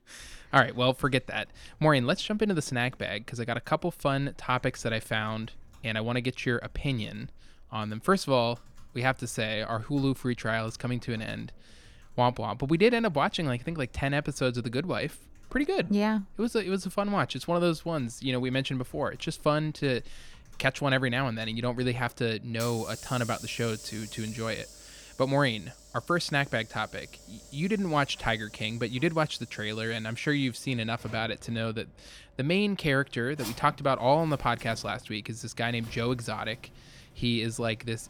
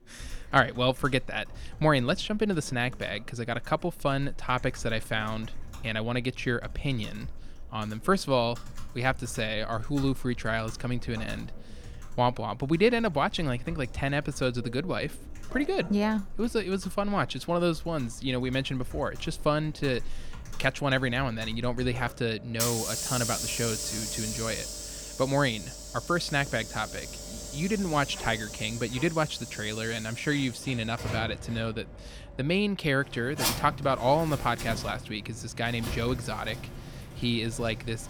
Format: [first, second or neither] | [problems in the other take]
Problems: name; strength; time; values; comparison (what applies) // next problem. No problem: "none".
first | household noises; loud; throughout; 10 dB below the speech; faint in the first